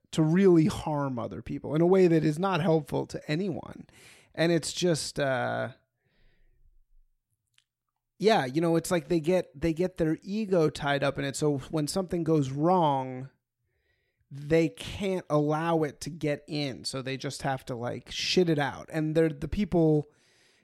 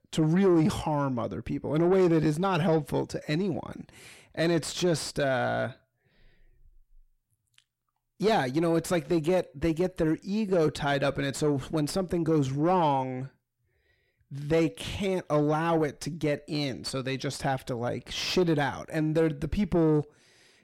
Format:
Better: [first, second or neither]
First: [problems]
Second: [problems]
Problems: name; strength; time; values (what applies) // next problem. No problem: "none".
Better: first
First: none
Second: distortion; slight; 10 dB below the speech